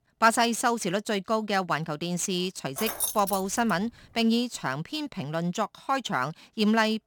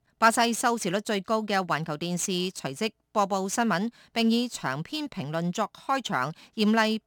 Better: second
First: jangling keys; noticeable; at 3 s; peak 1 dB below the speech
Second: none

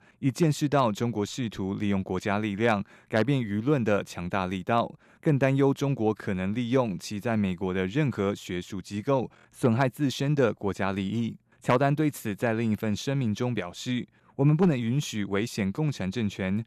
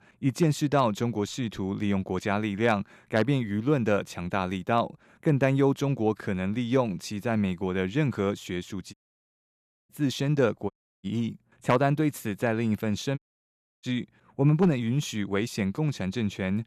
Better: first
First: none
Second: audio cutting out; at 9 s for 1 s, at 11 s and at 13 s for 0.5 s

